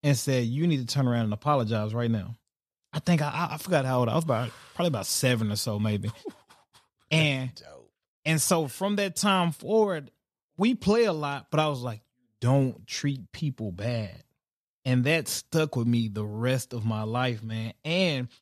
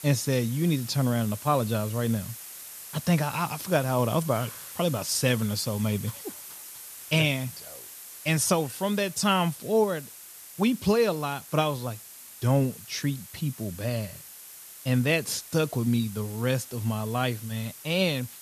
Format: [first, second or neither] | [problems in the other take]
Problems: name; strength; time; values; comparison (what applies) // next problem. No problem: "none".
first | hiss; noticeable; throughout; 15 dB below the speech